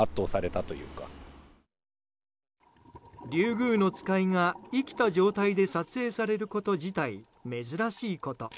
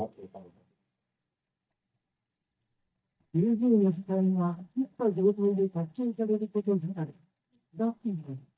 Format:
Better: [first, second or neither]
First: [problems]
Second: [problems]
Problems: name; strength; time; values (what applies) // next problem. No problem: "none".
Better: first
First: none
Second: noise reduction (neural mask model DeepFilterNet 3)